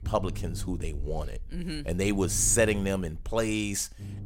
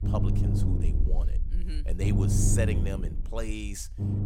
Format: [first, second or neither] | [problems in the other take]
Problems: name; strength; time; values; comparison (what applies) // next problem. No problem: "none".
first | low rumble; loud; throughout; 2 dB below the speech; faint in the first